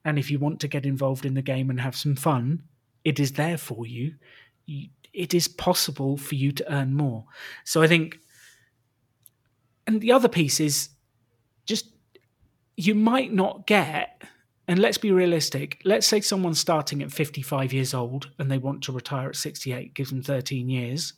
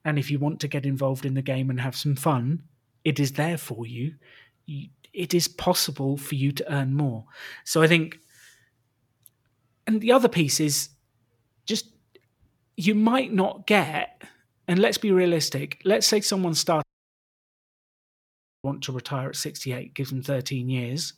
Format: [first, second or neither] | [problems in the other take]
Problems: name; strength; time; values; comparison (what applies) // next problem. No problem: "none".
first | audio cutting out; at 17 s for 2 s